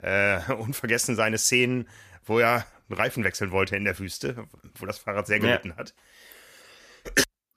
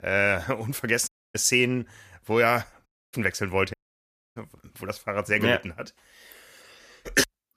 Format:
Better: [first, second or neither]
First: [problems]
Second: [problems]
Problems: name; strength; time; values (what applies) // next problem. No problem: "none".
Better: first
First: none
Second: audio cutting out; at 1 s, at 3 s and at 3.5 s for 0.5 s